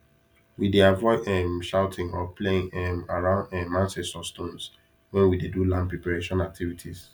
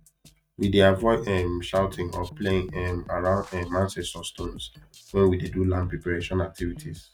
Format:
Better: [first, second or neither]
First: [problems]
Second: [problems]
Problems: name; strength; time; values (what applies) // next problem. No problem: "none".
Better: first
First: none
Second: noise reduction (neural mask model RNNoise)